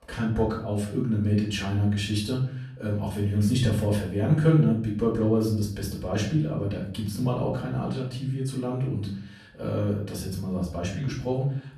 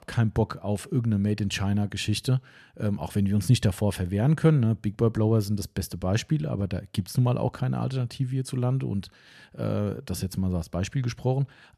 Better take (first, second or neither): second